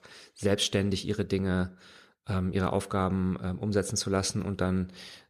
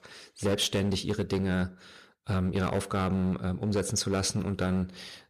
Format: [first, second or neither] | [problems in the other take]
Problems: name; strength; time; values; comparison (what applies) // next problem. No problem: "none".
first | distortion; slight; 8% of the sound clipped